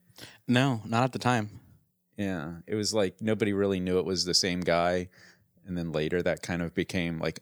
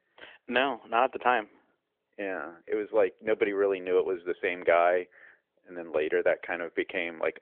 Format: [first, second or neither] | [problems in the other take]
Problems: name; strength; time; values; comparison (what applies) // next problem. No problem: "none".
first | phone-call audio; nothing above 3.5 kHz